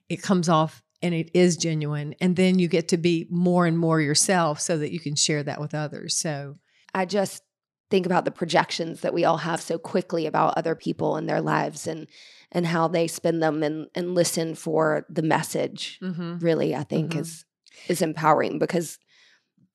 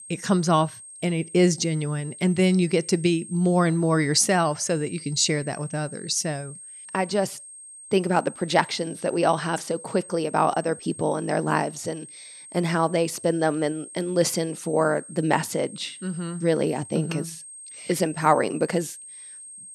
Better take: first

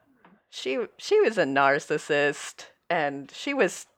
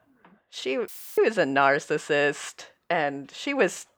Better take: first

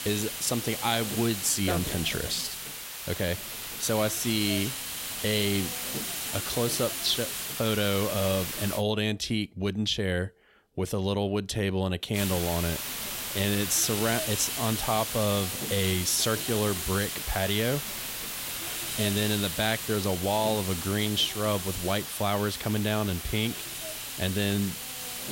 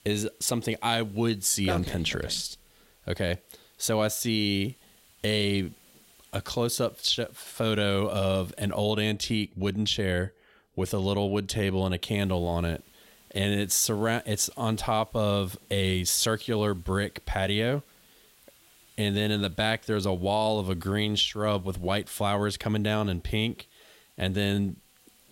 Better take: second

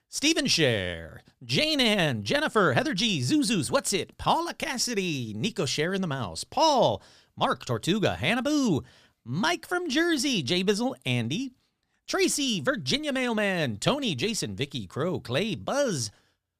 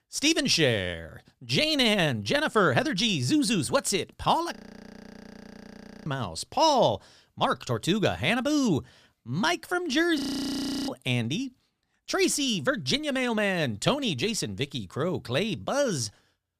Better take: first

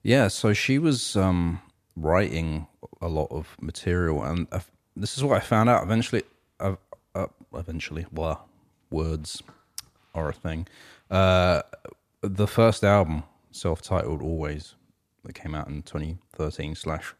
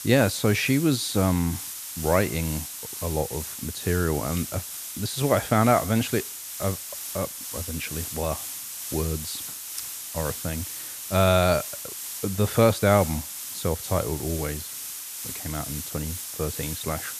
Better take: first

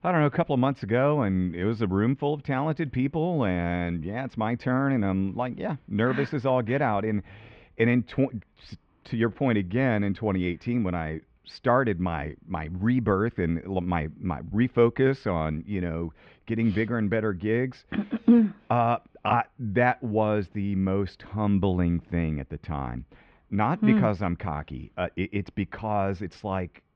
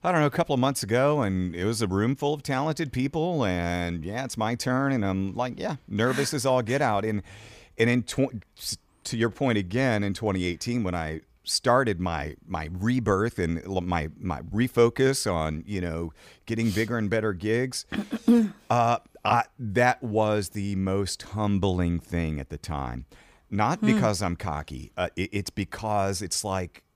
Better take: second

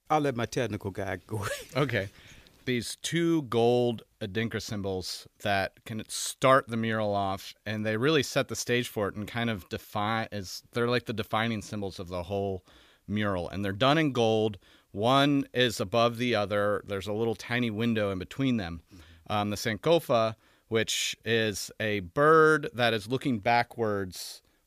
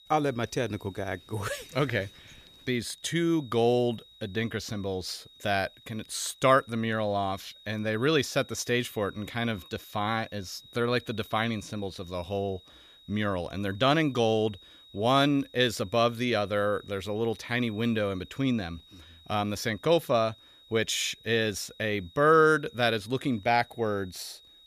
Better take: first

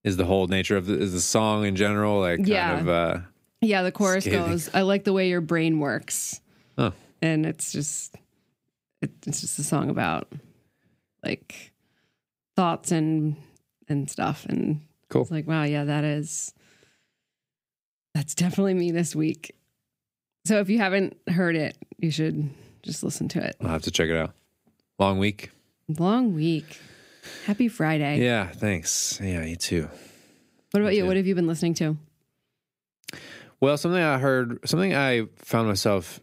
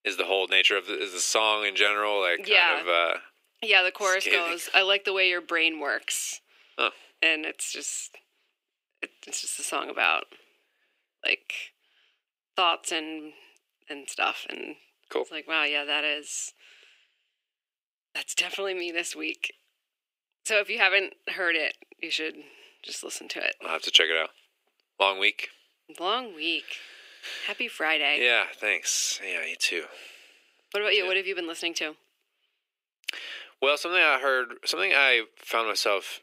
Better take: first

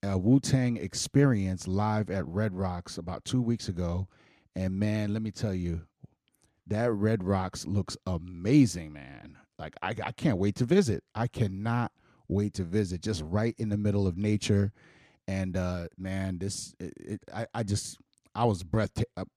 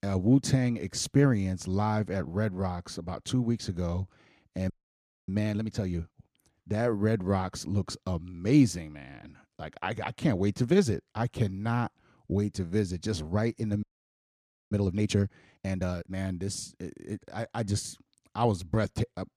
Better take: first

